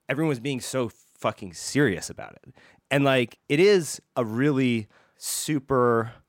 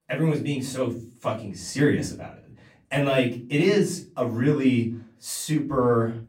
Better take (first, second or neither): first